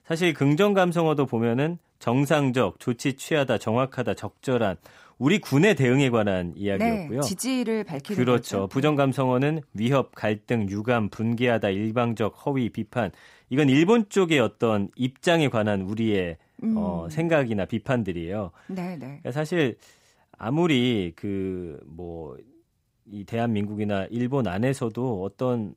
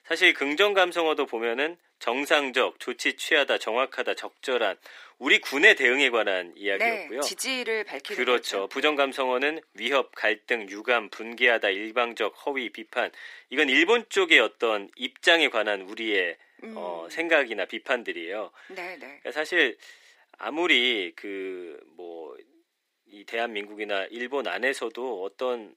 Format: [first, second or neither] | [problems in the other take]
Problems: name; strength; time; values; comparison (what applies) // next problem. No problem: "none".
first | thin; very; fading below 350 Hz